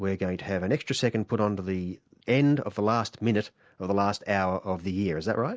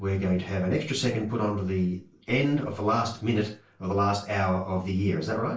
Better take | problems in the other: first | room echo; dies away in 0.3 s

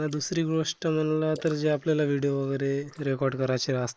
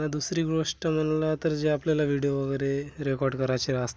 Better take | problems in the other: second | noise reduction (neural mask model Resemble Enhance denoiser)

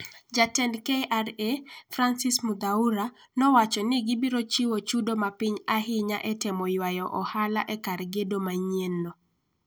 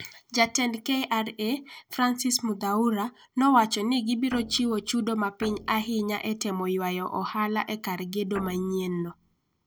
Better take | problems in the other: first | background sound (Guitar); 17 dB below the speech

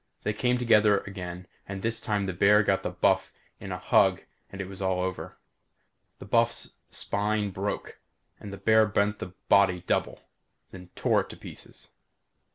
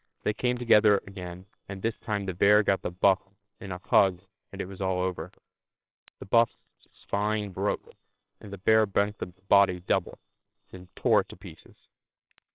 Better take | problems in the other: first | noise reduction (neural separator model SepFormer WHAMR!)

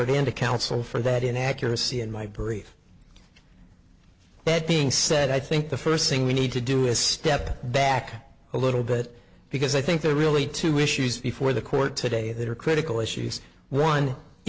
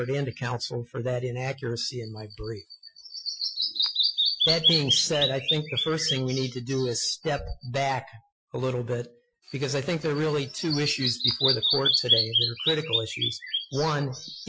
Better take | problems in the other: first | noise reduction (classical method Wiener filter)

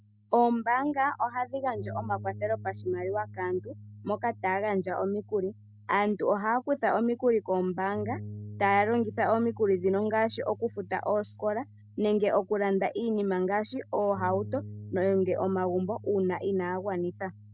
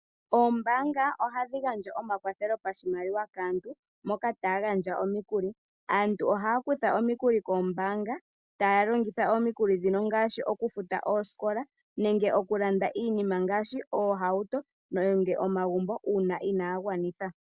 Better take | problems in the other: second | background sound (Bass guitar); 16 dB below the speech

